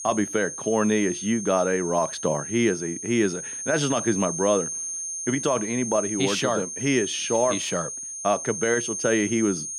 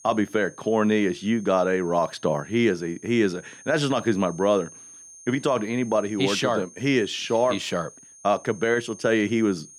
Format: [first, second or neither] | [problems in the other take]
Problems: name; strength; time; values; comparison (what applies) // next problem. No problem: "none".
second | high-pitched whine; loud; throughout; 6.5 kHz, 5 dB below the speech; faint in the second